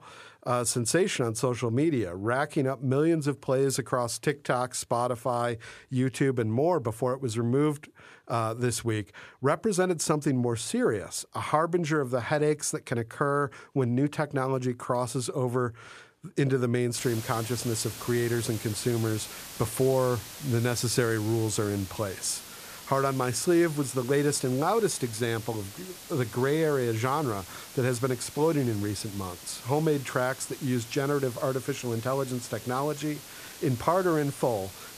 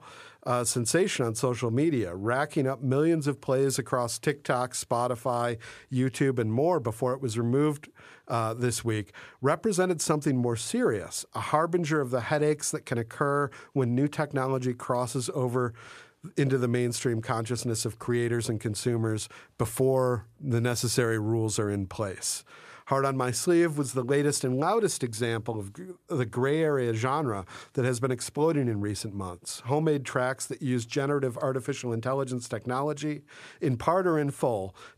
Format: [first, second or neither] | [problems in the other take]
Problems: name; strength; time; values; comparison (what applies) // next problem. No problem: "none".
second | hiss; noticeable; from 17 s on; 15 dB below the speech